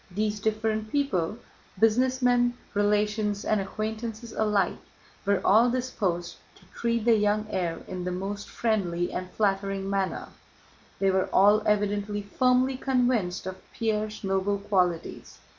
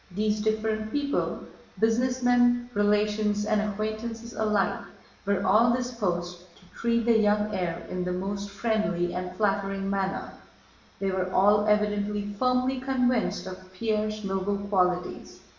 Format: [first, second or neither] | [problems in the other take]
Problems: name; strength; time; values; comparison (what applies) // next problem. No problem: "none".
first | room echo; dies away in 0.8 s